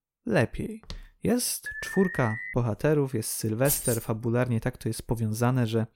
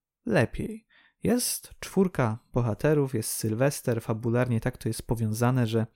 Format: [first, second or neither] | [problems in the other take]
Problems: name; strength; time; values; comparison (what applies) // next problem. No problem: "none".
second | footsteps; faint; at 1 s; peak 20 dB below the speech // alarm; noticeable; at 1.5 s; peak 7 dB below the speech // jangling keys; loud; at 3.5 s; peak level with the speech